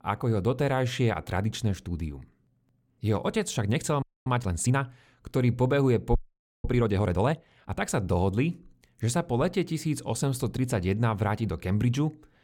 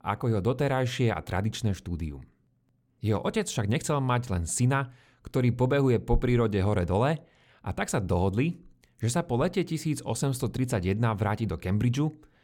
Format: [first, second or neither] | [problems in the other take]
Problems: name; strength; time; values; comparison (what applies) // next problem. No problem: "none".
second | audio freezing; at 4 s and at 6 s